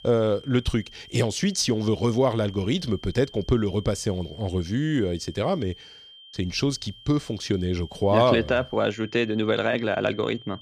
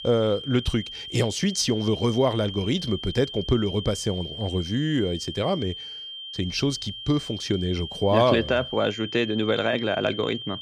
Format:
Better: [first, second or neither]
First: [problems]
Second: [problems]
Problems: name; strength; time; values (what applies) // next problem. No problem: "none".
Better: first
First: high-pitched whine; faint; throughout; 3 kHz, 20 dB below the speech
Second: high-pitched whine; loud; throughout; 3 kHz, 9 dB below the speech